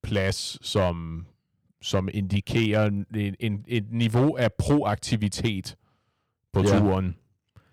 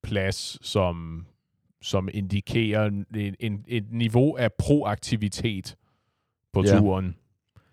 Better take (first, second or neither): second